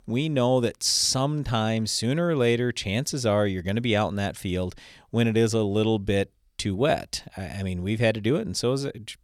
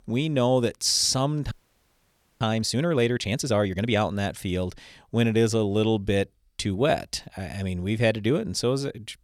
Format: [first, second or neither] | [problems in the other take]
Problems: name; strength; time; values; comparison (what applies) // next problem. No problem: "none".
first | audio freezing; at 1.5 s for 1 s